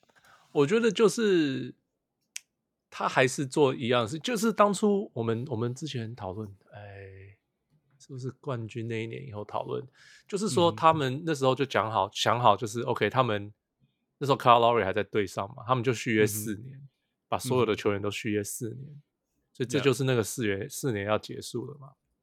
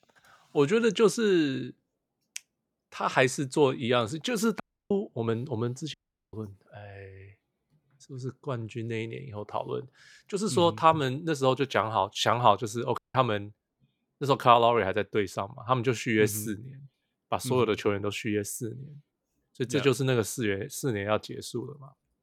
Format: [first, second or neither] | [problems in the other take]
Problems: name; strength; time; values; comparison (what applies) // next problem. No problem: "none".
first | audio cutting out; at 4.5 s, at 6 s and at 13 s